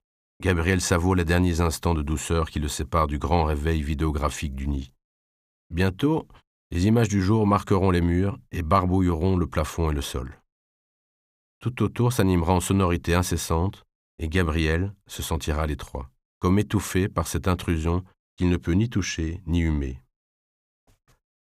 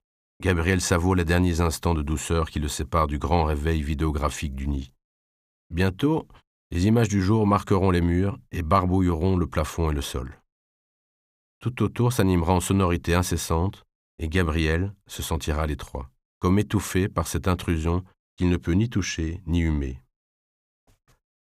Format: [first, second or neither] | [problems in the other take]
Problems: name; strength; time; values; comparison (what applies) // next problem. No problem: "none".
neither | none